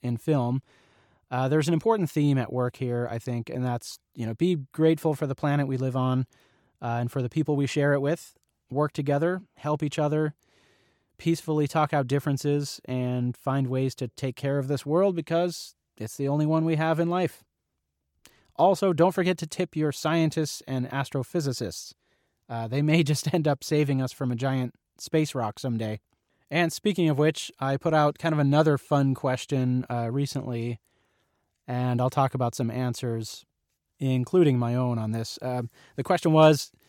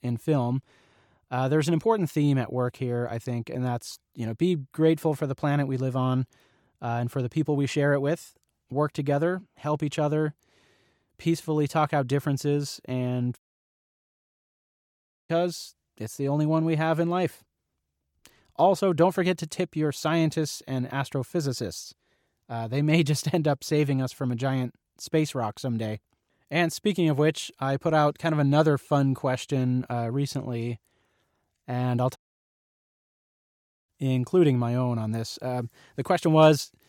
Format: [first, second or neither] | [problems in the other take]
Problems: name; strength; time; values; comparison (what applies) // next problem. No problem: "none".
first | audio cutting out; at 13 s for 2 s and at 32 s for 1.5 s